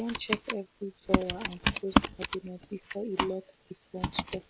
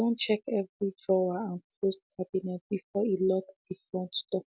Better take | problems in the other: second | background sound (Computer keyboard); 4 dB above the speech

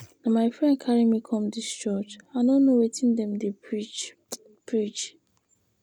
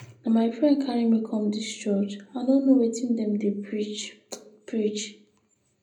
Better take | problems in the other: first | room echo; dies away in 0.5 s

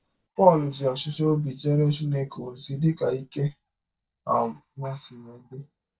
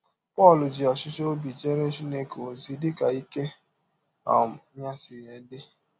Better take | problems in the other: second | noise reduction (neural mask model DeepFilterNet 3)

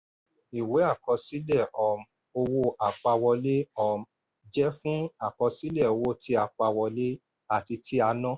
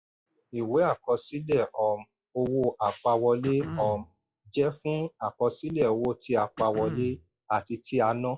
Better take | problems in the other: first | noise reduction (classical method log-MMSE)

